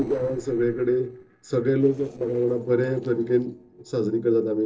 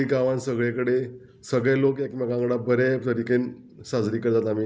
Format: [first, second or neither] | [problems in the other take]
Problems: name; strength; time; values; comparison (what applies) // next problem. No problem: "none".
second | noise reduction (neural separator model SepFormer DNS4)